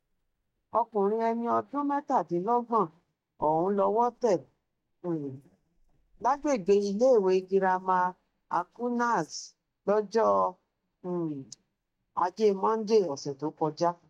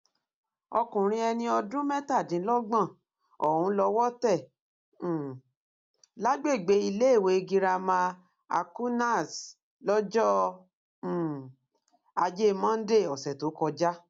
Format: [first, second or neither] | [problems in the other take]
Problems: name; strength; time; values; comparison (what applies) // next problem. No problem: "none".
second | noise reduction (neural mask model DeepFilterNet 3)